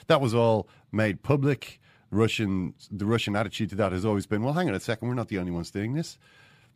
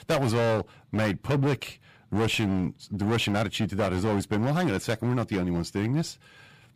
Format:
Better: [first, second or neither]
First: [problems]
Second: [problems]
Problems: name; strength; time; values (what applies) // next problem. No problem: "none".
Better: first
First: none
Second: distortion; heavy; 17% of the sound clipped